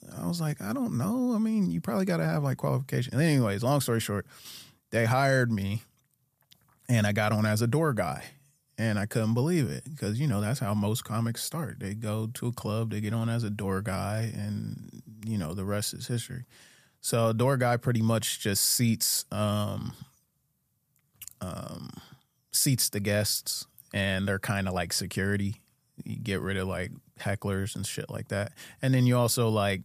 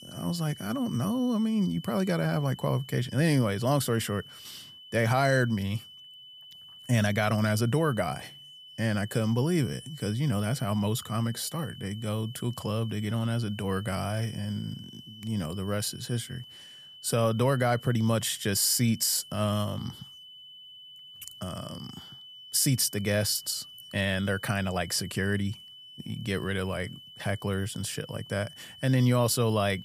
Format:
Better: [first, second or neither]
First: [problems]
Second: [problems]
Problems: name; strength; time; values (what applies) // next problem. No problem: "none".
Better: first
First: none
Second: high-pitched whine; noticeable; throughout; 3 kHz, 15 dB below the speech